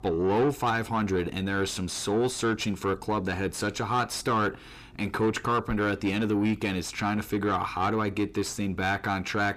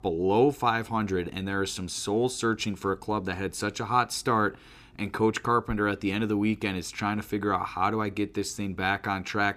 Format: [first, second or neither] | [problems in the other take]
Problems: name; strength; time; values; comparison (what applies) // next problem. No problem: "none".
second | distortion; slight; 10 dB below the speech